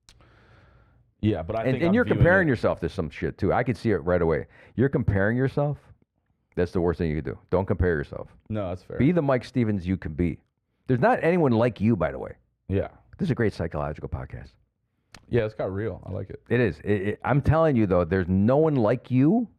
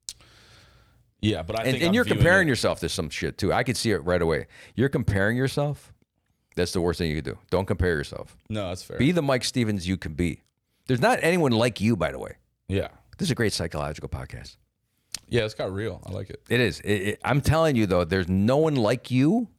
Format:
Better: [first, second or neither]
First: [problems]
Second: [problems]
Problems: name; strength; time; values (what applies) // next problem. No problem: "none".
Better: second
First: muffled; very; fading above 3 kHz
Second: none